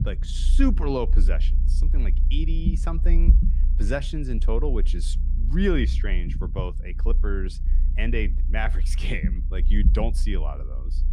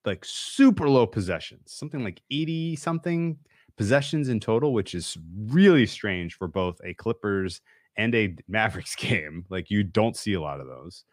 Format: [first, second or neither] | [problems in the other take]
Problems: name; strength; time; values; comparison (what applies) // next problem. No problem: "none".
second | low rumble; noticeable; throughout; 10 dB below the speech